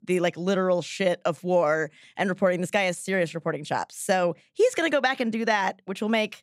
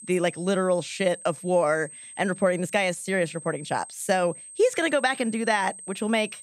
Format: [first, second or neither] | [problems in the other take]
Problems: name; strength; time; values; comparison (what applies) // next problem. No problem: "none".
first | high-pitched whine; noticeable; throughout; 8.5 kHz, 15 dB below the speech